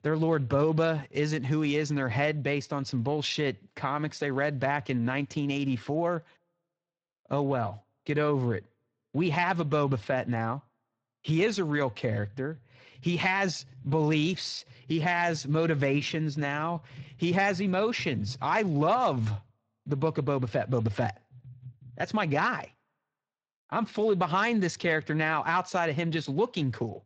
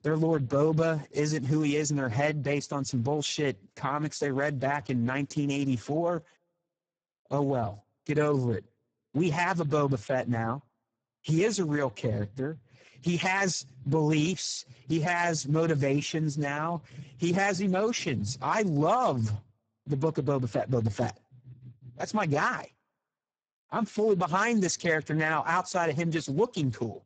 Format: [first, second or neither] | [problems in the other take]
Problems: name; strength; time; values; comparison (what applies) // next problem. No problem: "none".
first | garbled, watery; badly; nothing above 7.5 kHz; slightly in the first